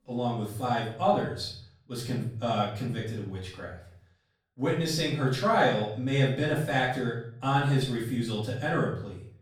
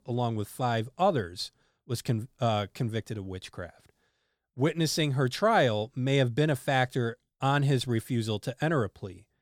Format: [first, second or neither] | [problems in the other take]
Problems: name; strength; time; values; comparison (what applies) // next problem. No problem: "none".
second | room echo; noticeable; dies away in 0.5 s // off-mic speech; far